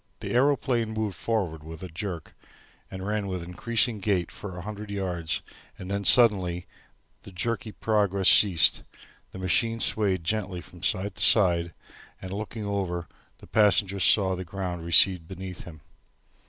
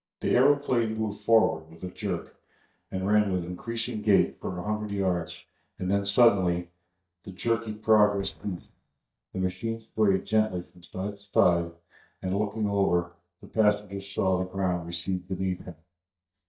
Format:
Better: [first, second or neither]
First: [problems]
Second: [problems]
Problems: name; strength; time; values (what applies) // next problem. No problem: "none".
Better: first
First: none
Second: noise reduction (neural mask model DeepFilterNet 3)